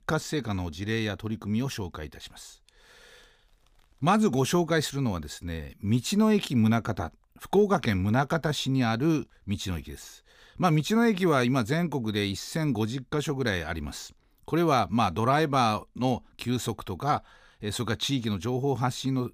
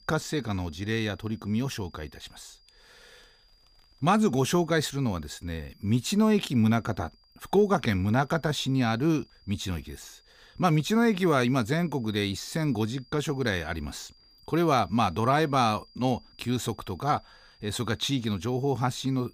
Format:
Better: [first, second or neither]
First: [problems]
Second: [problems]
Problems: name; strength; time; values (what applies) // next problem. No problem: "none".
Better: first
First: none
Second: high-pitched whine; faint; throughout; 5 kHz, 30 dB below the speech